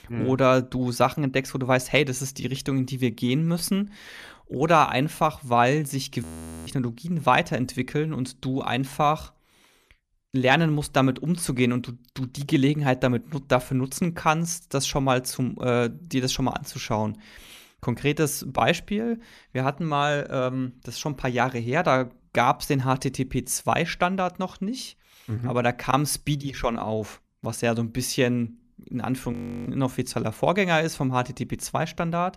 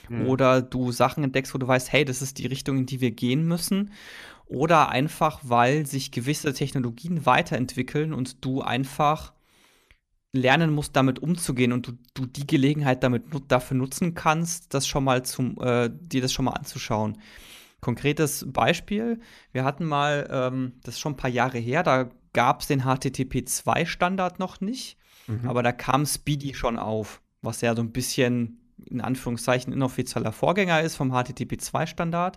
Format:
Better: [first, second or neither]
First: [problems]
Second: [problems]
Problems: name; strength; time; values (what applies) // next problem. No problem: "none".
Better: second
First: audio freezing; at 6 s and at 29 s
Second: none